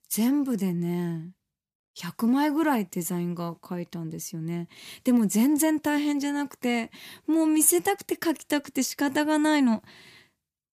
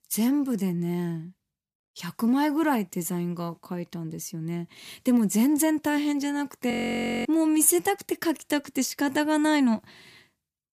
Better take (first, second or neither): first